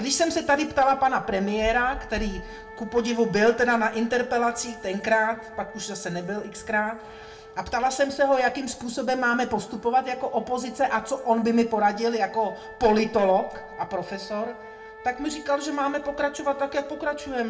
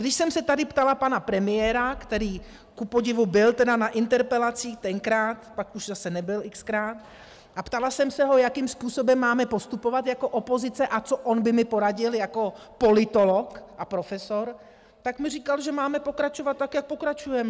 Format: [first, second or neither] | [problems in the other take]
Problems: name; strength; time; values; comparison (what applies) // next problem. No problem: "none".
second | background sound (Wind instrument, woodwind instrument); 19 dB below the speech // room echo; dies away in 0.4 s